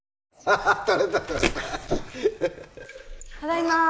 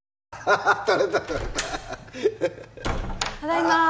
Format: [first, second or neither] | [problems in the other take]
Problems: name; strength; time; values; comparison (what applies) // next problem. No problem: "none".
second | noise reduction (neural mask model Resemble Enhance denoiser)